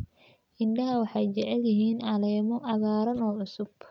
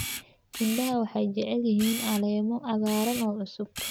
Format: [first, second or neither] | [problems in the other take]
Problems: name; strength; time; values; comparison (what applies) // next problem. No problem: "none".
first | background sound (Camera); 11 dB below the speech